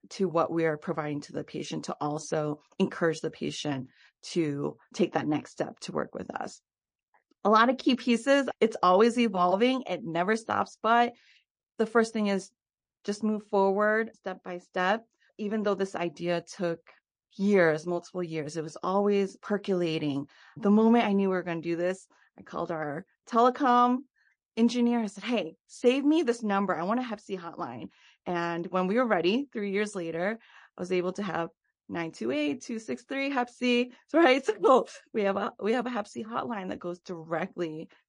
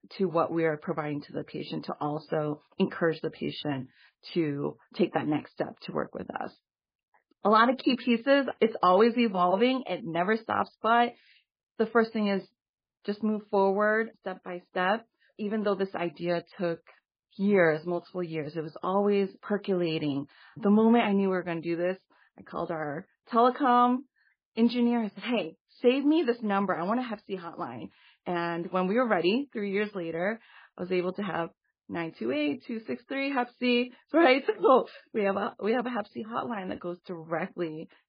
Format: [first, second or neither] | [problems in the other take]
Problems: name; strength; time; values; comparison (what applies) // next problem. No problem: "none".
first | garbled, watery; badly; nothing above 4.5 kHz; slightly in the first